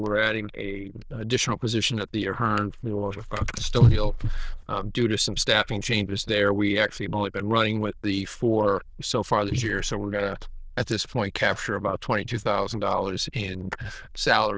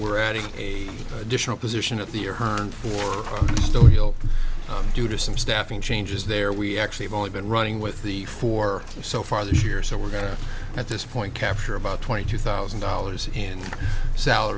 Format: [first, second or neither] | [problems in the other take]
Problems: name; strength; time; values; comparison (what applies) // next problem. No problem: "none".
second | noise reduction (neural diffusion model UNIVERSE++)